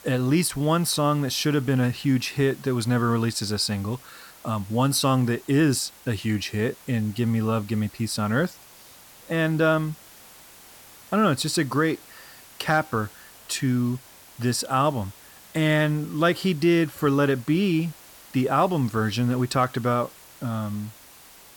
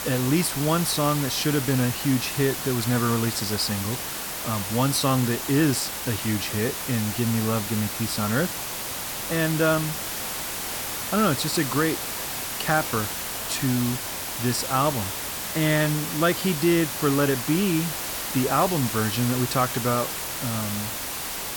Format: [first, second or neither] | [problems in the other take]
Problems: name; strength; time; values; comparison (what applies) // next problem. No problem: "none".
first | hiss; loud; throughout; 4 dB below the speech; faint in the first